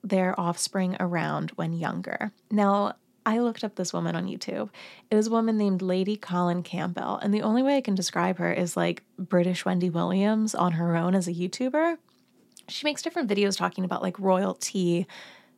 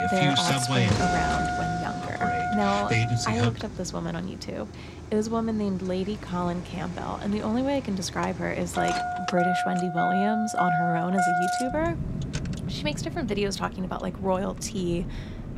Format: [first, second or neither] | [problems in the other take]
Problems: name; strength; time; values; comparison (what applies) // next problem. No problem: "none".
first | traffic noise; very loud; throughout; 1 dB above the speech